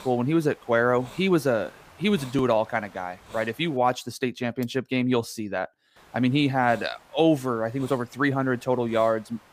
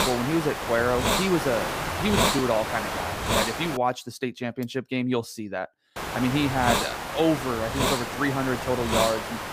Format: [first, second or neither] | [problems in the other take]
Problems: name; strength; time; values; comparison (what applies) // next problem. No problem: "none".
first | hiss; loud; until 4 s and from 6 s on; as loud as the speech; faint in the first